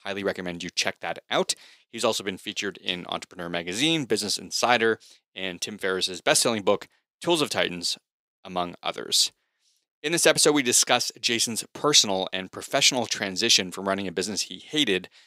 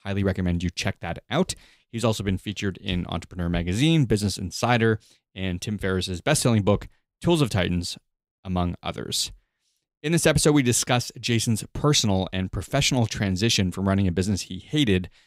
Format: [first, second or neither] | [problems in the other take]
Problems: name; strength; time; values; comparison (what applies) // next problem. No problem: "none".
second | thin; somewhat; fading below 400 Hz